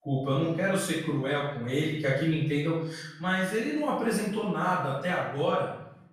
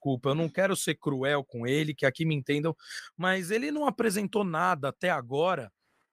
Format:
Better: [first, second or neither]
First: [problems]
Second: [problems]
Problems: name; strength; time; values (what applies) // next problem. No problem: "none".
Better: second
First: off-mic speech; far // room echo; noticeable; dies away in 0.7 s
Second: none